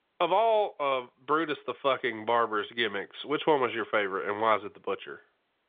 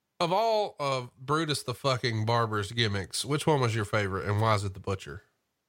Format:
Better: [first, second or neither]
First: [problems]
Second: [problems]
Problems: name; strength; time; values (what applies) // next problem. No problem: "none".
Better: second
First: phone-call audio; nothing above 3.5 kHz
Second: none